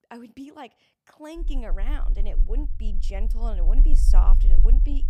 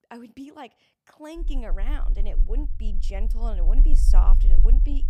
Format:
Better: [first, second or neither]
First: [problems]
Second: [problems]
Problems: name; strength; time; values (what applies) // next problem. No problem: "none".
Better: neither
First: low rumble; loud; from 1.5 s on; 9 dB below the speech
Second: low rumble; loud; from 1.5 s on; 9 dB below the speech